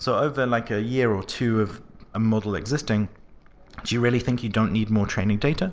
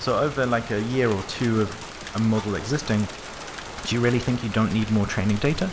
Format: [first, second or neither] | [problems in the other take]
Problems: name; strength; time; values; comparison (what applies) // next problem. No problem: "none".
first | background sound (Rain); 13 dB below the speech